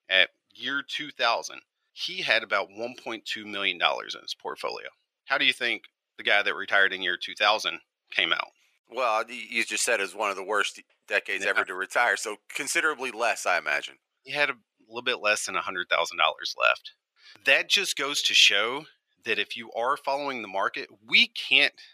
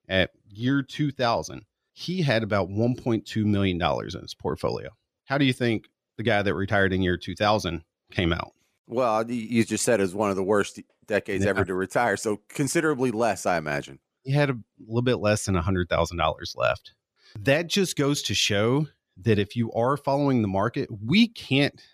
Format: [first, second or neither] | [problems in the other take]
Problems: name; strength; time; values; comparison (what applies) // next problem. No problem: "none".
second | thin; very; fading below 650 Hz